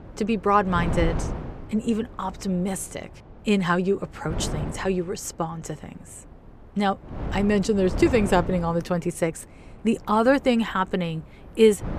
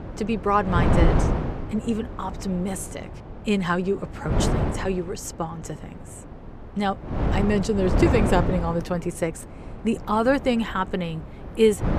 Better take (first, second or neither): first